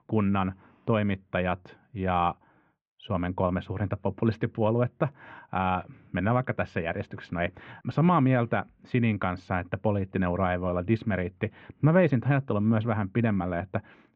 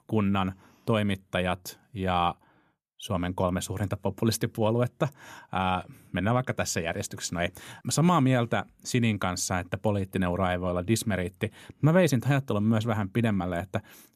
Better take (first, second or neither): second